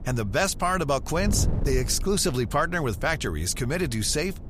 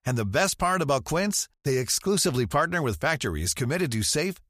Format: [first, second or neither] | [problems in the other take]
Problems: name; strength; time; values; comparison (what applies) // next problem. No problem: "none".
second | wind noise on the microphone; occasional gusts; 20 dB below the speech